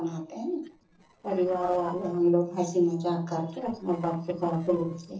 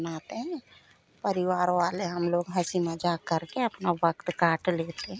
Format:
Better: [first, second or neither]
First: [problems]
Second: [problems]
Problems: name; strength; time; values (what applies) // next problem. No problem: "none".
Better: second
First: noise reduction (neural separator model SepFormer DNS4)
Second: none